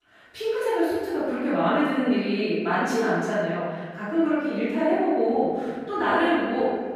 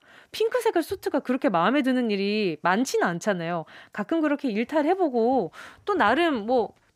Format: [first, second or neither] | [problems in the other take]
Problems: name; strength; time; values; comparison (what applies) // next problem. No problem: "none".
second | room echo; strong; dies away in 1.5 s // off-mic speech; far